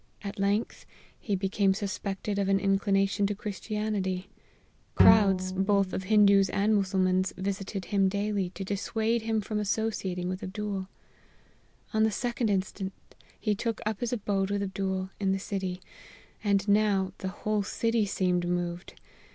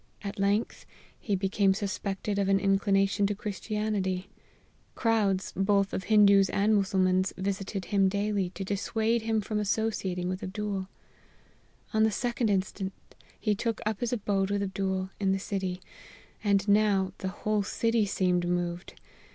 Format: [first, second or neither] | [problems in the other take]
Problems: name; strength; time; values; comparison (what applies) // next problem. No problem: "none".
second | background sound (Bowed string instrument); 1 dB below the speech